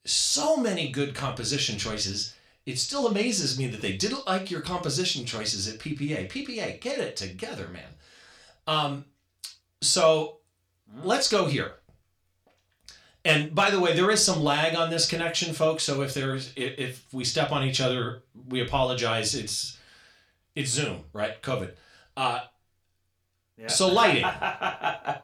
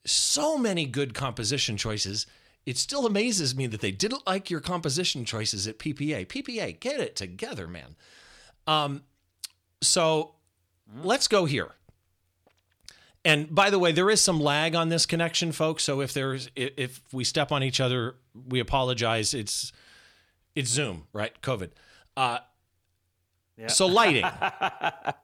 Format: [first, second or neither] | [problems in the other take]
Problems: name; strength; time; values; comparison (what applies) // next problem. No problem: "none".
second | room echo; slight; dies away in 0.3 s // off-mic speech; somewhat distant